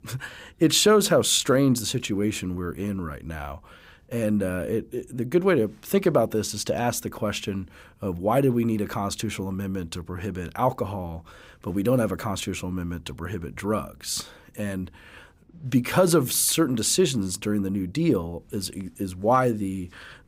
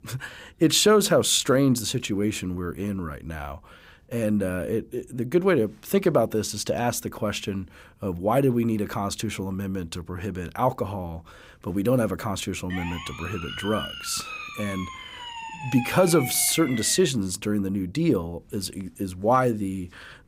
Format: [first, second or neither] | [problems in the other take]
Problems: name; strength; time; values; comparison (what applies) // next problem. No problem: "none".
first | siren; noticeable; from 13 to 17 s; peak 9 dB below the speech